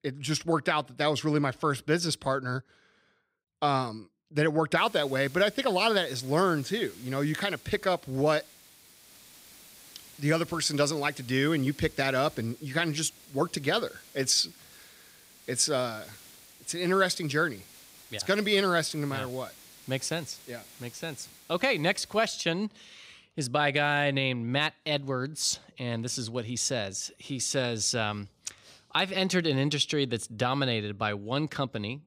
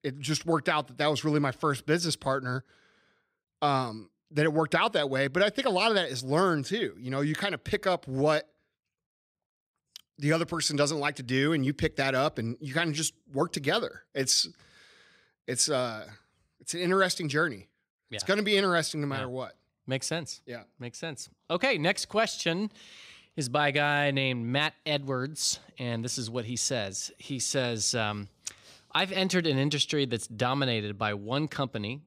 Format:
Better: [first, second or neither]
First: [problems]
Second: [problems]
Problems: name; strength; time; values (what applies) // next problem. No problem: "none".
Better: second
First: hiss; faint; from 5 to 22 s; 20 dB below the speech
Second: none